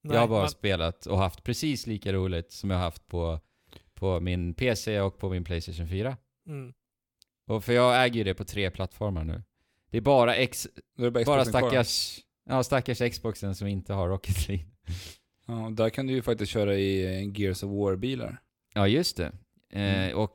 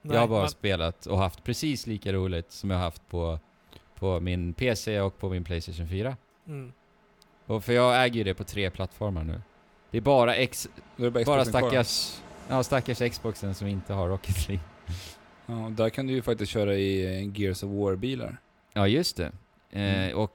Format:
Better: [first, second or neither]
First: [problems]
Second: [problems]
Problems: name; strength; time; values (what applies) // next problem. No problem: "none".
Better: first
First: none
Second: train or aircraft noise; faint; throughout; 25 dB below the speech